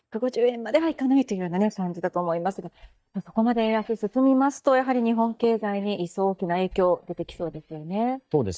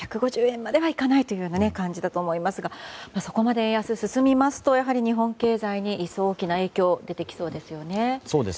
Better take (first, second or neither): second